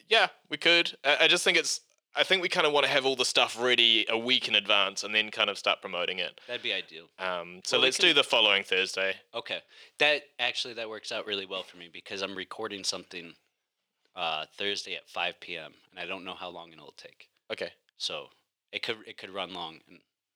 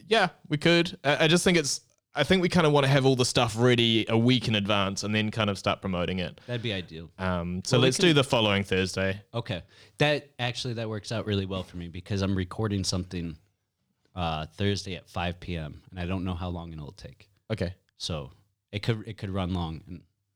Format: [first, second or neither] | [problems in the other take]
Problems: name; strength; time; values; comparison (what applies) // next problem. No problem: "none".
second | thin; very; fading below 500 Hz